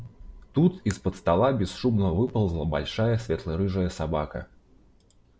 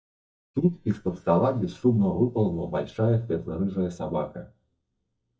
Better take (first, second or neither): first